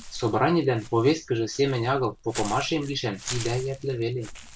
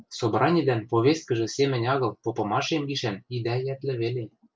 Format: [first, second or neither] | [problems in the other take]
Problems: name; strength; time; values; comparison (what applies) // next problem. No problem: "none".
second | background sound (Walk, footsteps / Bird); 14 dB below the speech